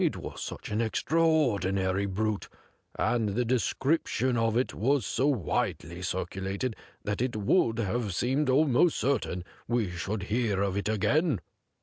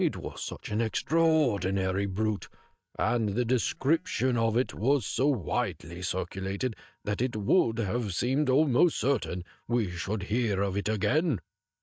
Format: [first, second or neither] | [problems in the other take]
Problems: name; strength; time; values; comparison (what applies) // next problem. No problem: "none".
first | noise reduction (neural mask model DeepFilterNet 3)